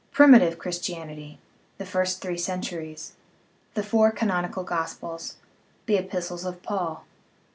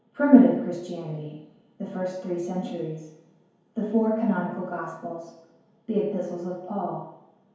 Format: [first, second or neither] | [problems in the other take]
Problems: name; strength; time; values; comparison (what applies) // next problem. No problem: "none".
first | room echo; dies away in 1 s